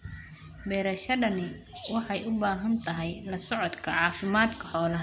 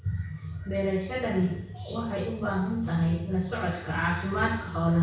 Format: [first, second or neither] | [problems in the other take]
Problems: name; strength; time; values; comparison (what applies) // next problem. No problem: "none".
first | room echo; dies away in 0.6 s